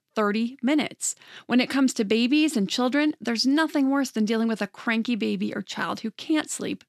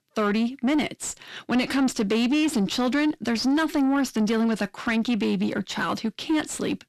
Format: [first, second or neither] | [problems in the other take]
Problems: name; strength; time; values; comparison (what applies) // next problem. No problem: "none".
first | distortion; slight; 10 dB below the speech